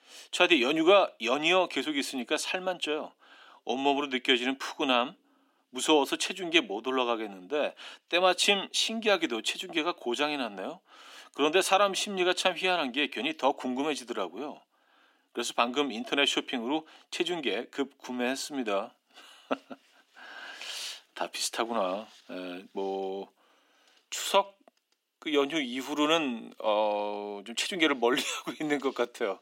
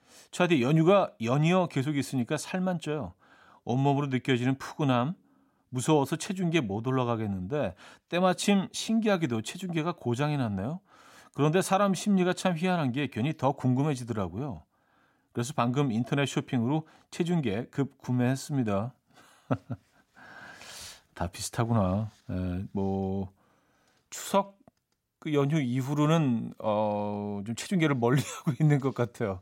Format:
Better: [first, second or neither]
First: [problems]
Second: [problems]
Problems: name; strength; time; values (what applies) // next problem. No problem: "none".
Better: second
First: thin; somewhat; fading below 300 Hz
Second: none